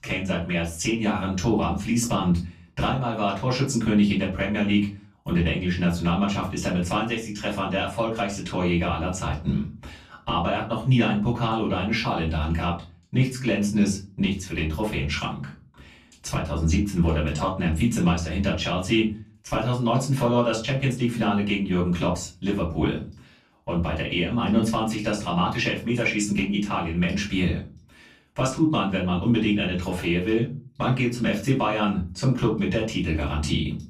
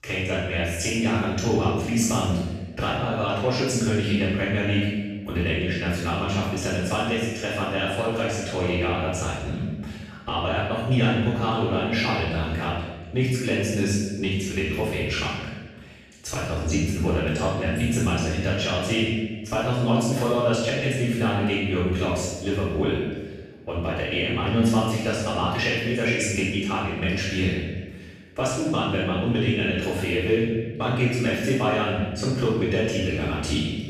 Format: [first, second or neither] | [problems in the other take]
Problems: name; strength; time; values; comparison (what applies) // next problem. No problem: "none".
first | room echo; strong; dies away in 1.1 s; slight in the first // off-mic speech; far; far in the first